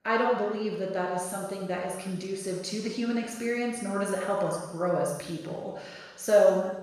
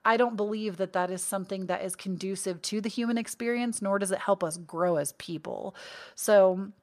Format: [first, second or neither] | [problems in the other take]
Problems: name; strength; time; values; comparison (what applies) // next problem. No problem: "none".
second | room echo; noticeable; dies away in 1.1 s // off-mic speech; far